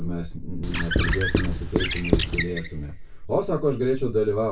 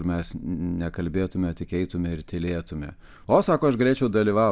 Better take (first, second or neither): second